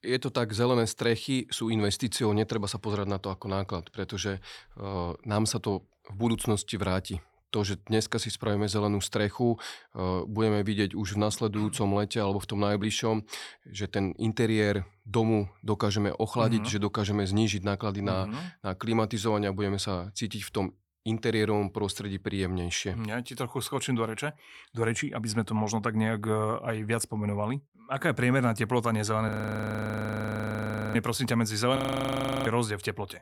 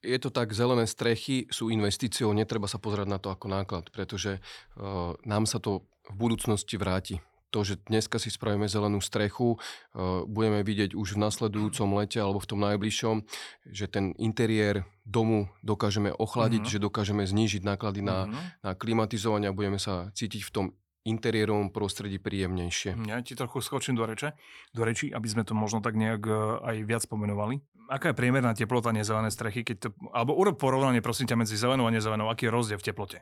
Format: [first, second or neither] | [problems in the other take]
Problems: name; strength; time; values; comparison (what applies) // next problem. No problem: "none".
second | audio freezing; at 29 s for 1.5 s and at 32 s for 0.5 s